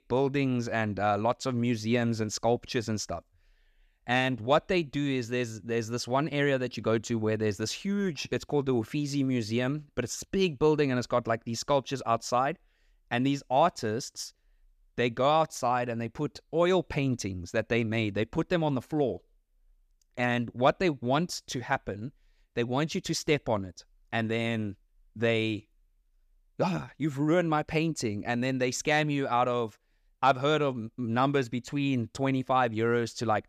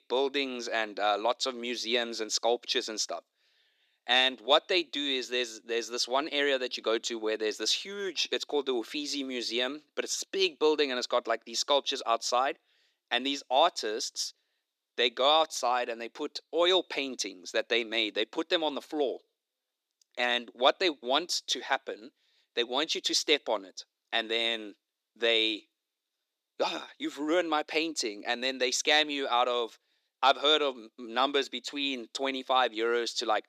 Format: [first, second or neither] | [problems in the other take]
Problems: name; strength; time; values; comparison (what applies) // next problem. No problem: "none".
first | thin; somewhat; fading below 300 Hz